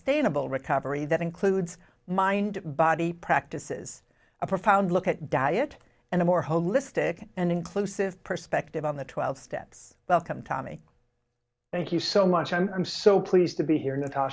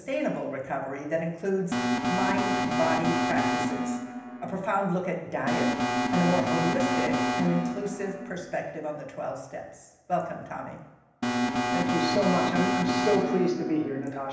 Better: first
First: none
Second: background sound (Alarm); 2 dB above the speech // room echo; dies away in 0.9 s

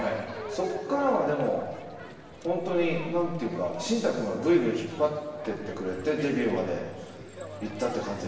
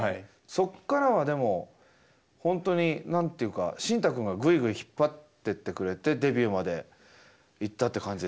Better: second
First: background sound (Crowd); 14 dB below the speech // room echo; dies away in 1.3 s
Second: none

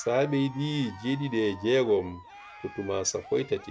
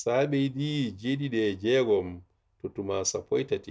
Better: second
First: background sound (Cheering); 19 dB below the speech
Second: none

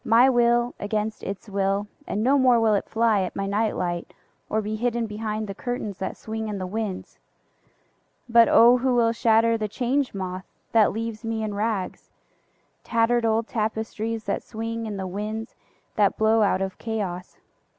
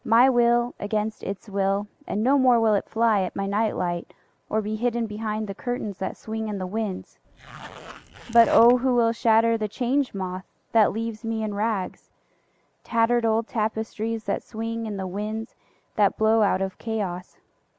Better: first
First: none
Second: background sound (Zipper (clothing)); 16 dB below the speech

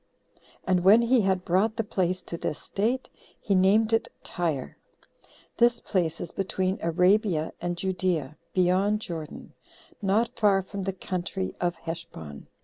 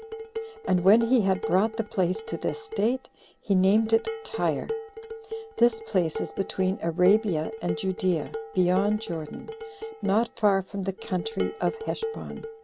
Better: first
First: none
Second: background sound (Dishes, pots, and pans); 10 dB below the speech

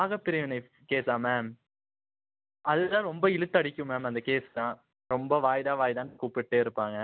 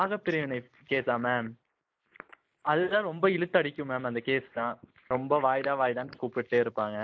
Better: first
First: none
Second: noise reduction (neural mask model Resemble Enhance denoiser)

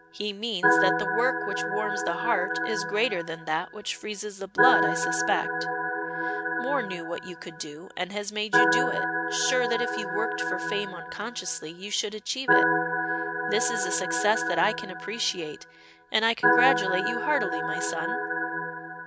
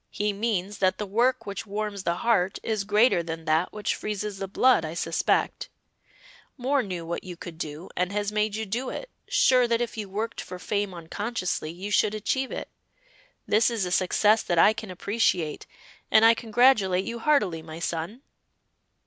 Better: second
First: background sound (Organ); 2 dB above the speech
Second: none

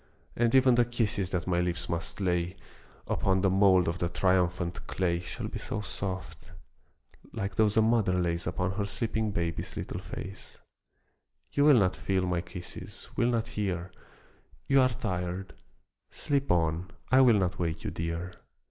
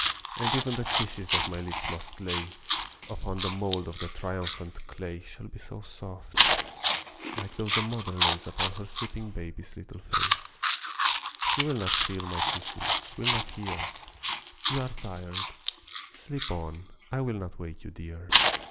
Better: first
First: none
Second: background sound (Chewing, mastication); 4 dB above the speech

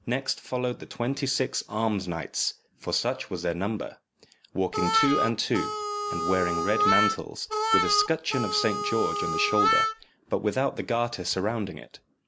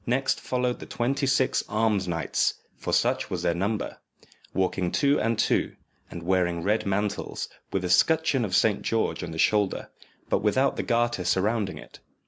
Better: second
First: background sound (Harmonica); 2 dB above the speech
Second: none

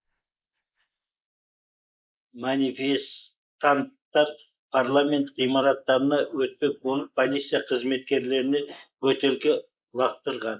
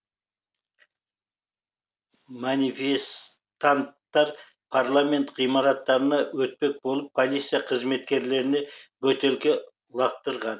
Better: second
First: noise reduction (neural mask model Resemble Enhance denoiser)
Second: none

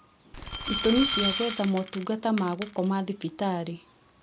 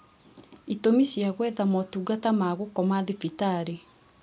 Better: second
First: background sound (Glass); 5 dB below the speech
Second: none

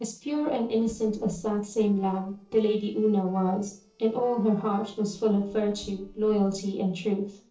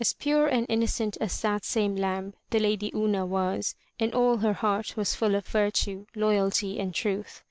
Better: second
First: noise reduction (neural separator model SepFormer DNS4)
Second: none

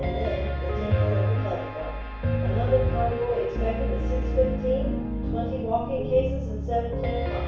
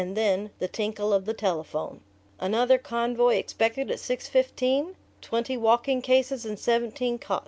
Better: second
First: background sound (Piano); 3 dB above the speech // room echo; dies away in 0.7 s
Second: none

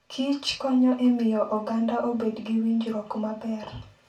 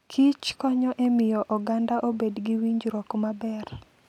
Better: second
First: room echo; dies away in 0.2 s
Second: none

